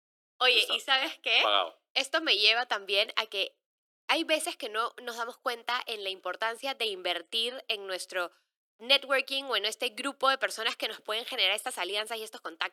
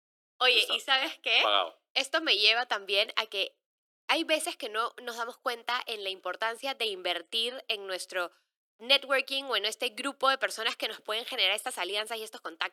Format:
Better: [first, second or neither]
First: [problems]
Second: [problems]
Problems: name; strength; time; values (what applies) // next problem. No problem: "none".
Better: neither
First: thin; very; fading below 350 Hz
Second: thin; very; fading below 350 Hz